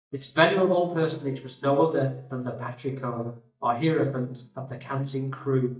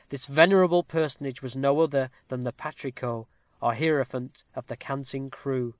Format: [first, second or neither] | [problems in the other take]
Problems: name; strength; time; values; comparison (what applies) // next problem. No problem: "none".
second | noise reduction (neural mask model DeepFilterNet 3)